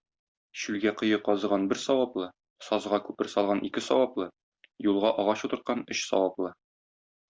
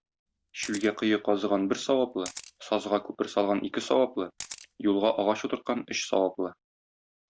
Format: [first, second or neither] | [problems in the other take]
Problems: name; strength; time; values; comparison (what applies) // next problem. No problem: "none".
first | background sound (Camera); 18 dB below the speech